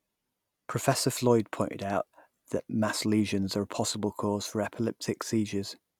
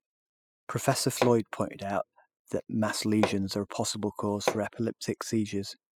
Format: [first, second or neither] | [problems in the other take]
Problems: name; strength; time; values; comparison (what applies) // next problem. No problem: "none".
first | noise reduction (classical method spectral subtraction)